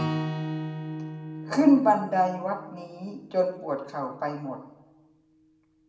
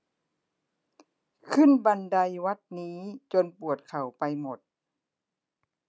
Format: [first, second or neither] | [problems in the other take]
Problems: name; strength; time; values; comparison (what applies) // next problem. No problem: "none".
second | background sound (Acoustic guitar / Strum); 9 dB below the speech // room echo; dies away in 0.7 s